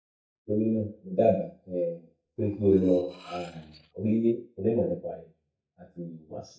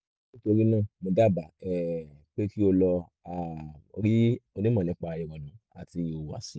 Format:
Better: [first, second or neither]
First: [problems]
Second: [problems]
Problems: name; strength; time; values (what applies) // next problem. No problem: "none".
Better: second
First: noise reduction (neural mask model DeepFilterNet 3)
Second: none